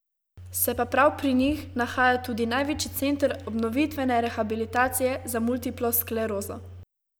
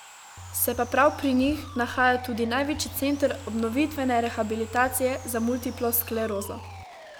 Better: first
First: none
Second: background sound (Sawing); 19 dB below the speech

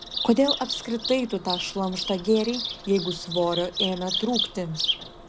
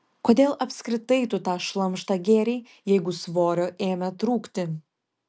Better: second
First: background sound (Bird vocalization, bird call, bird song); 5 dB below the speech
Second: none

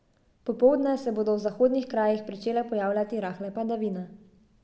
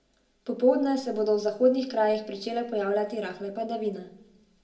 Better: first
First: none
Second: room echo; dies away in 0.2 s

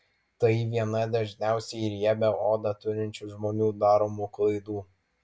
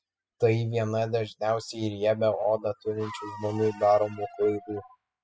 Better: first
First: none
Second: noise reduction (classical method spectral subtraction)

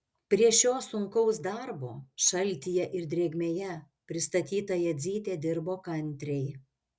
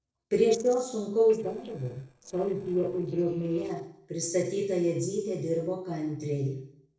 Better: first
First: none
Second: noise reduction (neural separator model SepFormer DNS4)

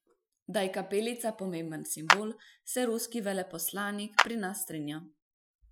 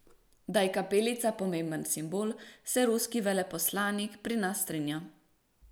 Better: second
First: noise reduction (classical method Wiener filter)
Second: none

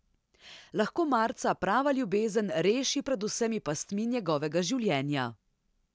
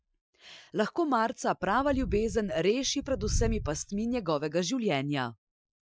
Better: first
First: none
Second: noise reduction (classical method Wiener filter)

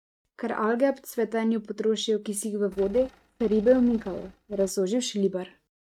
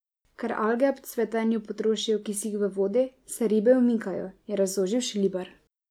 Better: second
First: noise reduction (neural mask model RNNoise)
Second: none

